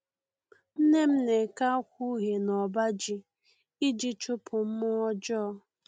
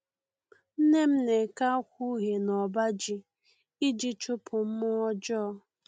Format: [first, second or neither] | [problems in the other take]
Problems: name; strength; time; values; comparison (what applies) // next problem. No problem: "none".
second | background sound (Ringtone / Chime); 19 dB below the speech